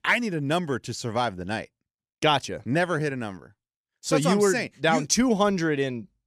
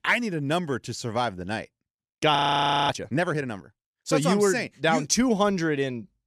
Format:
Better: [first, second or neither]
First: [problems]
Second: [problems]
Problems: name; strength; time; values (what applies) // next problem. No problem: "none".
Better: first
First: none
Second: audio freezing; at 2.5 s for 0.5 s